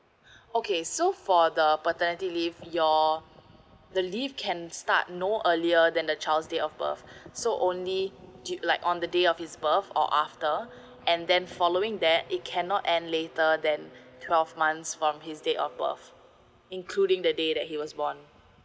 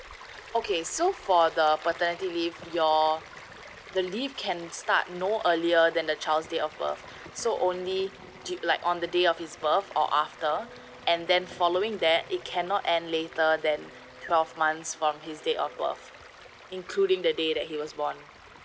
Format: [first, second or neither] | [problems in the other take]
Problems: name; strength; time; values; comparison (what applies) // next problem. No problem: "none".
first | background sound (Stream); 20 dB below the speech